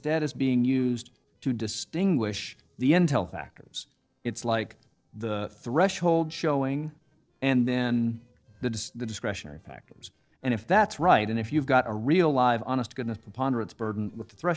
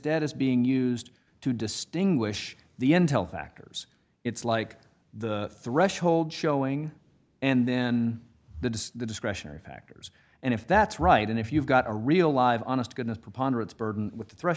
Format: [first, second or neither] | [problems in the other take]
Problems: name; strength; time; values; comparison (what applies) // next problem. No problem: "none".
second | noise reduction (neural separator model SepFormer DNS4)